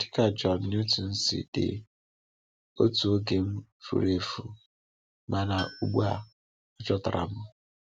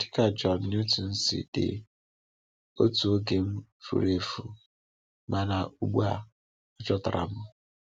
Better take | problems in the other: second | background sound (Tools); 13 dB below the speech

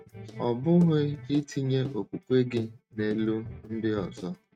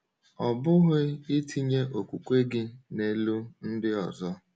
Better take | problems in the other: second | noise reduction (neural mask model RNNoise)

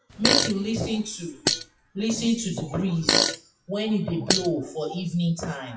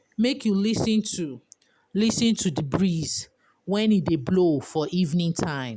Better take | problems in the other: second | noise reduction (classical method WPE with log-MMSE)

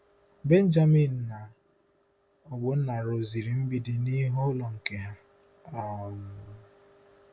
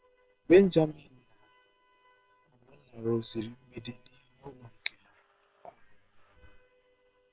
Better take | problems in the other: first | noise reduction (neural separator model SepFormer WHAM!)

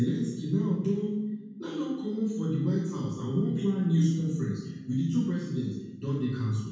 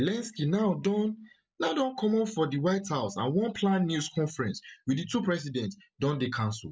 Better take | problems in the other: second | background sound (Bass guitar); 19 dB below the speech // room echo; dies away in 1.1 s

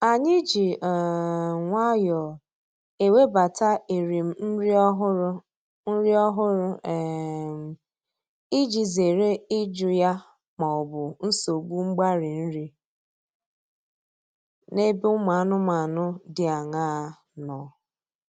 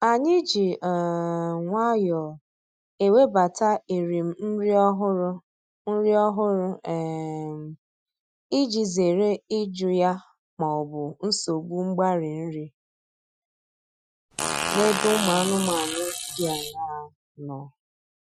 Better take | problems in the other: first | noise reduction (classical method Wiener filter)

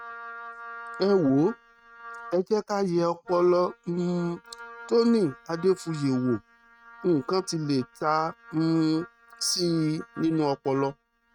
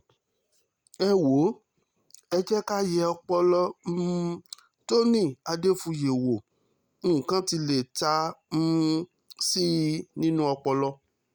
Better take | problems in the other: second | noise reduction (neural mask model RNNoise)

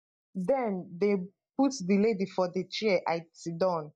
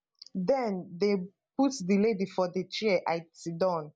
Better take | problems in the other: second | noise reduction (neural mask model DeepFilterNet 3)

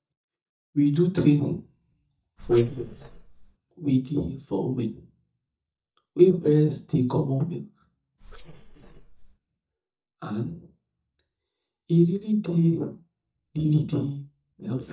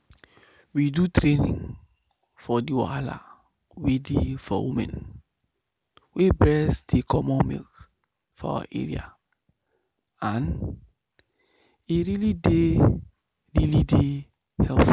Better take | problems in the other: second | noise reduction (neural mask model DeepFilterNet 3)

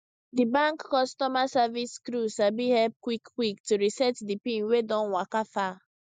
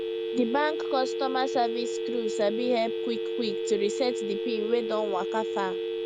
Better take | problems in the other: first | background sound (Telephone); 1 dB below the speech

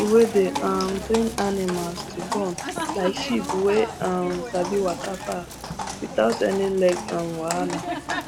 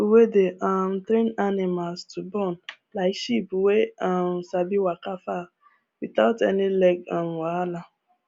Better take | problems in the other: second | background sound (Livestock, farm animals, working animals); 7 dB below the speech

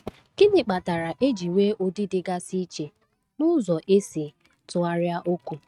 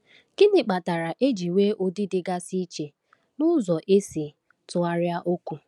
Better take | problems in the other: second | noise reduction (neural mask model RNNoise)

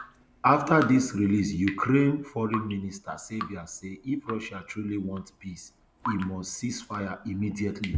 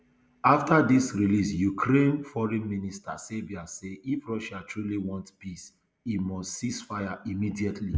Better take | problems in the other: second | background sound (Drip); 15 dB below the speech

